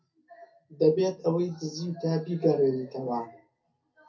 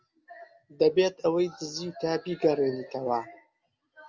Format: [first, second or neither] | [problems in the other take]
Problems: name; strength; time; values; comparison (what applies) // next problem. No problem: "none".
second | room echo; dies away in 0.3 s